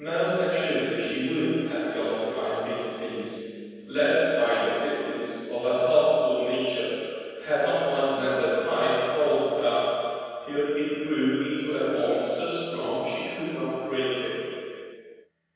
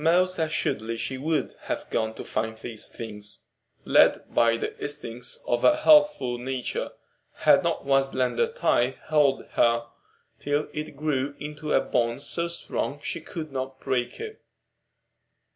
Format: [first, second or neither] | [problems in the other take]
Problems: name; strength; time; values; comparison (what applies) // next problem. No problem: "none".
second | room echo; dies away in 2.1 s